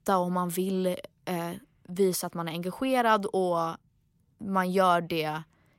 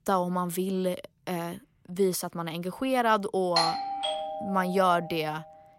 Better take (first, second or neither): first